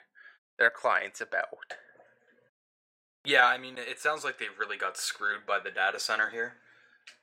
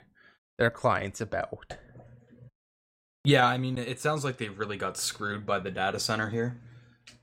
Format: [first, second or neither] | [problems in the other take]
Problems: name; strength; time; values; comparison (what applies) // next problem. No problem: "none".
second | thin; very; fading below 550 Hz